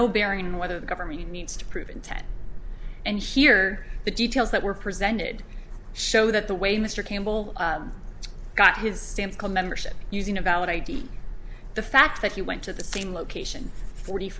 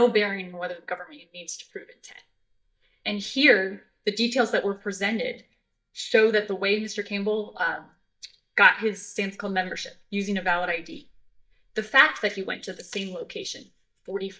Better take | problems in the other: first | noise reduction (neural mask model DeepFilterNet 3)

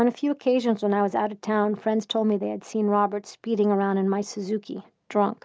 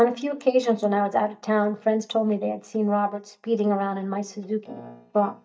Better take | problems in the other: first | noise reduction (neural mask model DeepFilterNet 3)

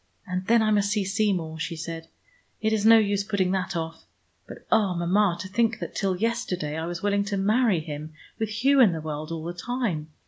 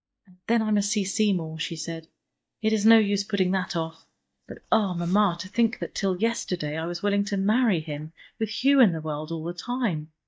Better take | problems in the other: first | noise reduction (neural mask model DeepFilterNet 3)

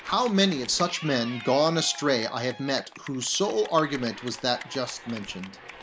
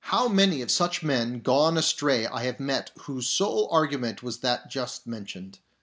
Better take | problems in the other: second | background sound (Cheering / Clapping); 16 dB below the speech

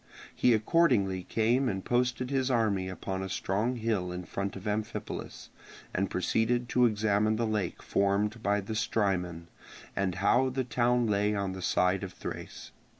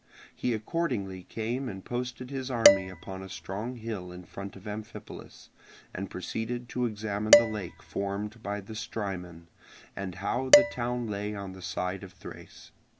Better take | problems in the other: first | background sound (Dishes, pots, and pans); 3 dB above the speech

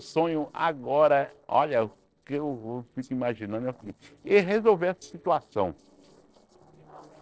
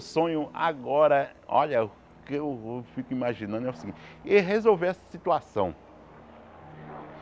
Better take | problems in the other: second | noise reduction (neural separator model SepFormer DNS4)

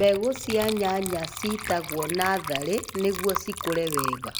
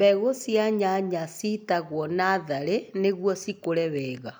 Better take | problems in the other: second | background sound (Water / Liquid); 7 dB below the speech

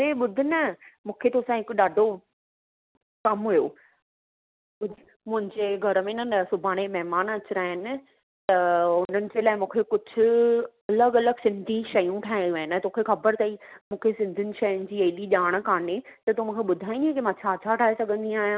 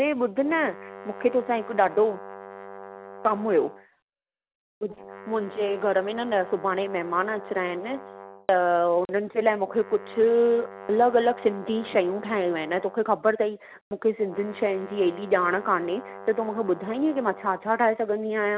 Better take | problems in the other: first | background sound (Brass instrument); 17 dB below the speech

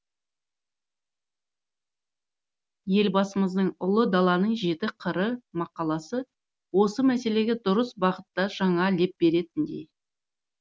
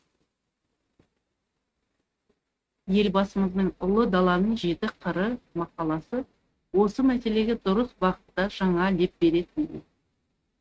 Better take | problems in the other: first | noise reduction (neural mask model RNNoise)

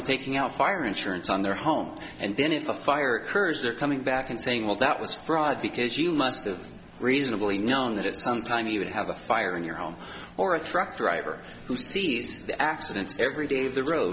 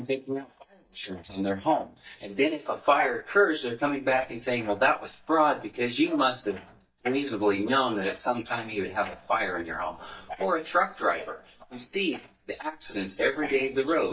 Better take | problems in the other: first | noise reduction (neural mask model DeepFilterNet 3)

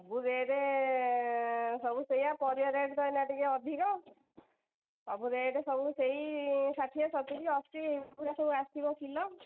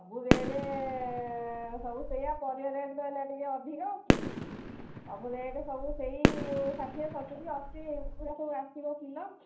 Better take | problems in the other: first | background sound (Fireworks); 4 dB above the speech // room echo; dies away in 0.6 s

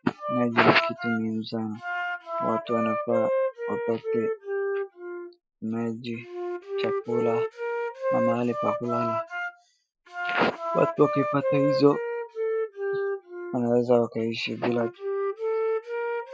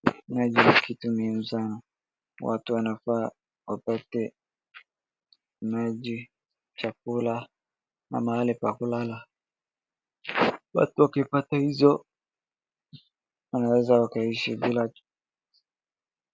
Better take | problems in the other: second | noise reduction (classical method Wiener filter)

